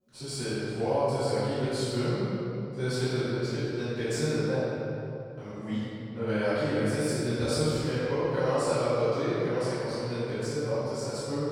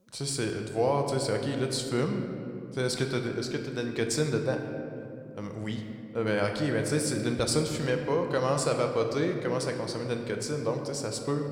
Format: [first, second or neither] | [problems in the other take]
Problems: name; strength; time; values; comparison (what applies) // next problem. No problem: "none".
second | room echo; strong; dies away in 2.6 s; slight in the second // off-mic speech; far